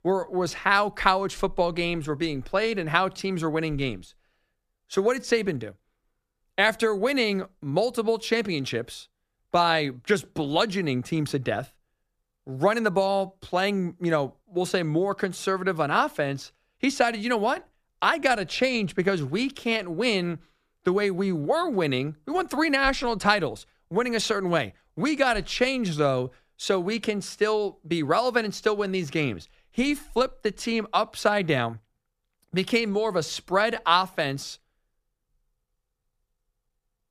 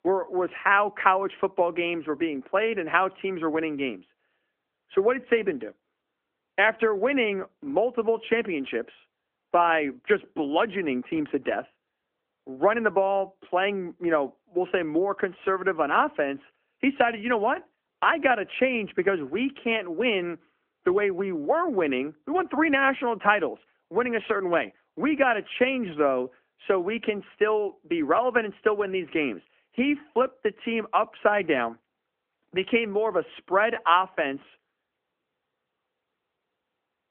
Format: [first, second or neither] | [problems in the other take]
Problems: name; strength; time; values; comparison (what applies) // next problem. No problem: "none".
first | phone-call audio; nothing above 3 kHz